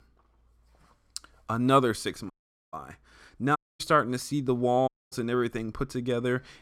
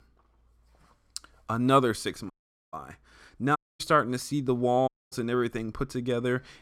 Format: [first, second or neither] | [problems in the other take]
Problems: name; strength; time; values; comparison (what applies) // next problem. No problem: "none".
neither | audio cutting out; at 2.5 s, at 3.5 s and at 5 s; the same in both